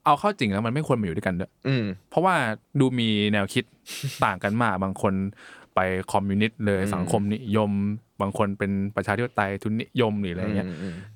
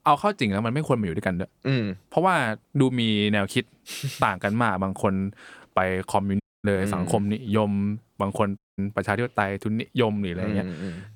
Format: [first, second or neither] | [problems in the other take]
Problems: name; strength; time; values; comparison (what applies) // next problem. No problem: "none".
first | audio cutting out; at 6.5 s and at 8.5 s